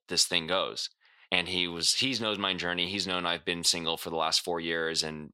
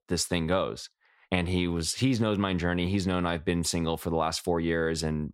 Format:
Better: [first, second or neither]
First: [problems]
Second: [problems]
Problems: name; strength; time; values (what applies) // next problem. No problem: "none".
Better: second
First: thin; somewhat; fading below 650 Hz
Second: none